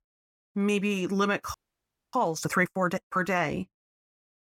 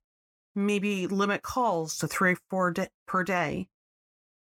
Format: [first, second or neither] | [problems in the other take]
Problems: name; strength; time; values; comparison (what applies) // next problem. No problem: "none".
second | audio freezing; at 1.5 s for 0.5 s